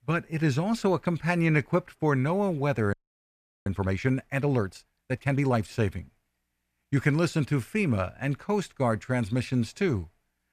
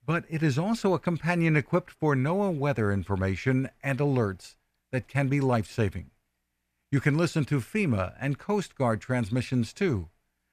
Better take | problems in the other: second | audio freezing; at 3 s for 0.5 s

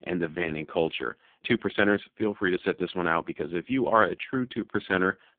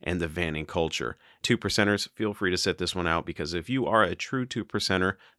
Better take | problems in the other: second | phone-call audio; poor line

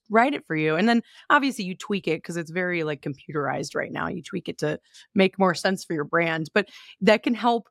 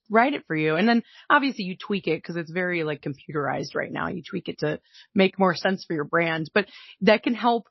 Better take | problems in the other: first | garbled, watery; slightly; nothing above 5.5 kHz

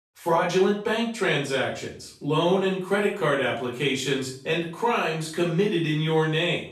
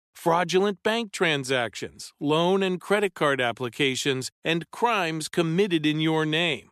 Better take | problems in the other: second | off-mic speech; far // room echo; noticeable; dies away in 0.4 s

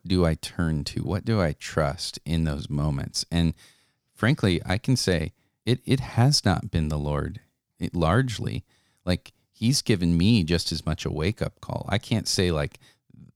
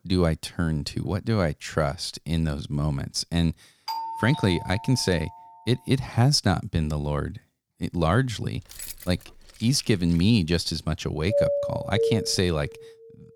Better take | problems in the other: first | doorbell; noticeable; from 4 to 5.5 s; peak 6 dB below the speech // jangling keys; faint; from 8.5 to 10 s; peak 10 dB below the speech // doorbell; loud; from 11 to 12 s; peak 2 dB above the speech

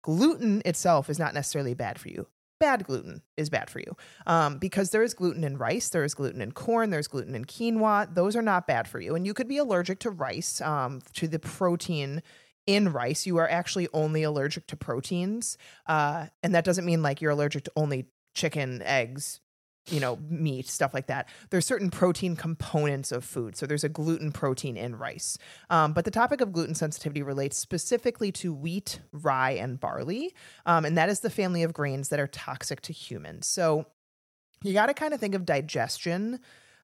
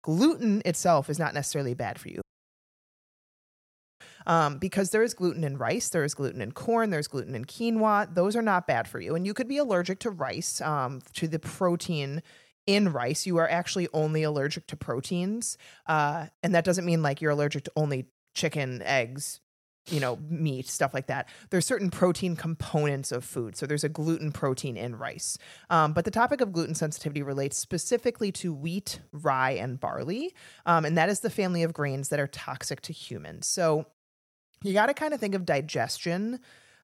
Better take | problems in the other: first | audio cutting out; at 2 s for 2 s

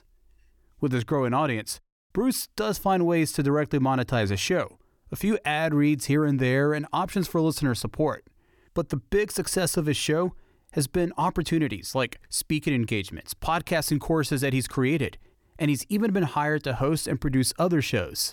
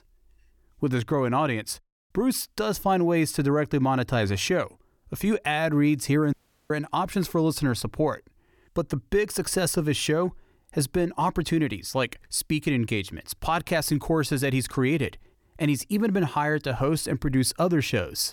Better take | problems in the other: first | audio cutting out; at 6.5 s

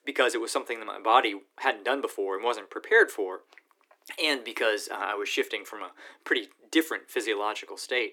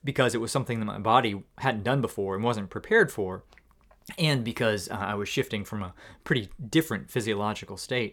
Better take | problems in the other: second | thin; very; fading below 300 Hz

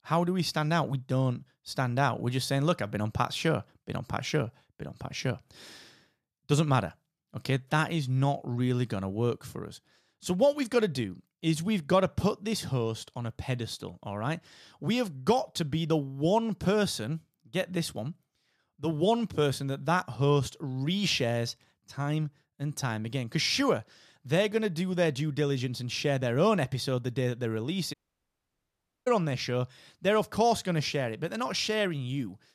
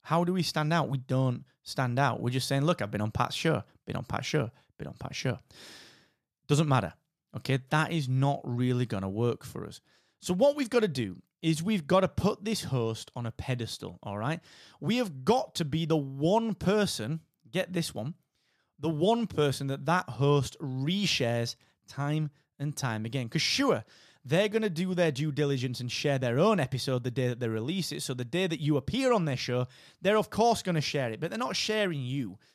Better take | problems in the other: second | audio cutting out; at 28 s for 1 s

